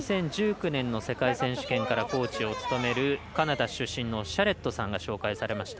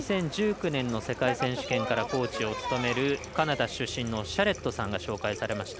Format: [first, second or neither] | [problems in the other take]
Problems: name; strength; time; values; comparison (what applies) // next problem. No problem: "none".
first | background sound (Water tap, faucet); 16 dB below the speech